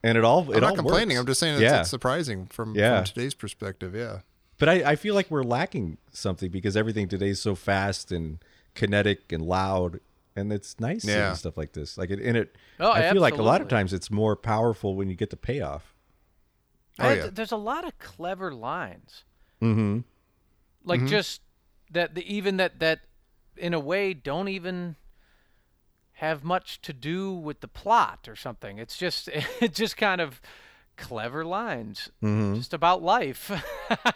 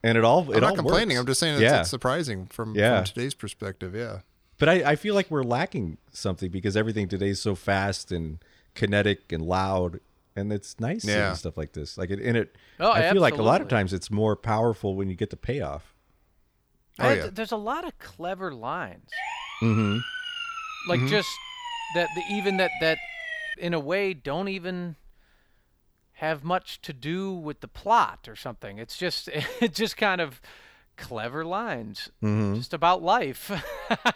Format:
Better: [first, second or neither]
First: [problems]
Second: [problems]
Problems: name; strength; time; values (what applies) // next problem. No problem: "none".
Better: first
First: none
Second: siren; noticeable; from 19 to 24 s; peak 5 dB below the speech